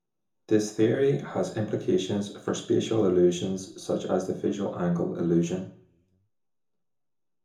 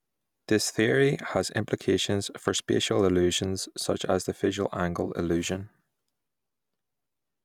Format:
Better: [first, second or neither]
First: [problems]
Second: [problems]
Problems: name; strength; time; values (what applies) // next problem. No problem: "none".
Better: second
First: room echo; dies away in 0.6 s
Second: none